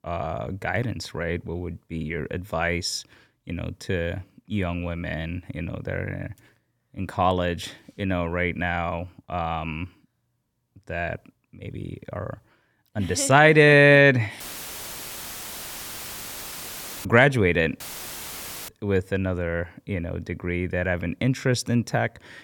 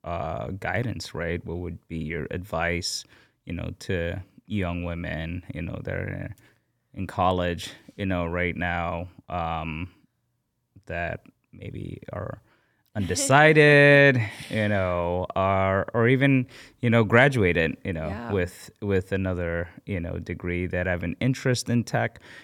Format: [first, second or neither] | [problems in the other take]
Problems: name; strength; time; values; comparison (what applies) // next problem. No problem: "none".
second | audio cutting out; filled with static; at 14 s for 2.5 s and at 18 s for 1 s